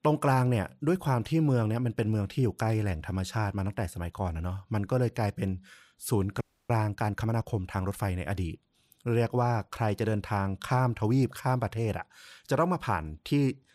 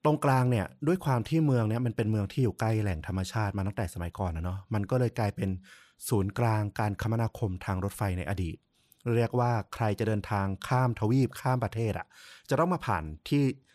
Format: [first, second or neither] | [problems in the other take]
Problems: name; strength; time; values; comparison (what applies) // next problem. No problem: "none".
second | audio freezing; at 6.5 s